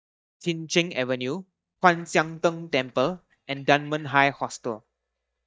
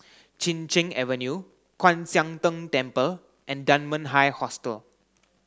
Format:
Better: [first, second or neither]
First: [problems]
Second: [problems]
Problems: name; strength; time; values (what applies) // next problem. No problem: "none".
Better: second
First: noise reduction (neural mask model DeepFilterNet 3)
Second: none